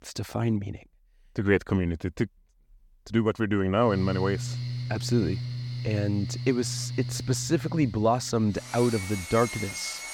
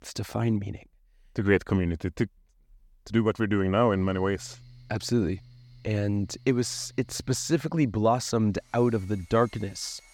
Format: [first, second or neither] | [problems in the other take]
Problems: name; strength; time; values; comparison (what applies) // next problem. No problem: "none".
second | machinery noise; loud; from 4 s on; 7 dB below the speech; faint in the second